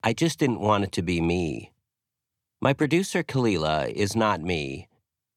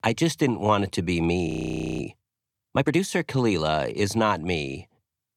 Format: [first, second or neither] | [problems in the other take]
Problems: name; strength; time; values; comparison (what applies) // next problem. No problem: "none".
first | audio freezing; at 1.5 s for 0.5 s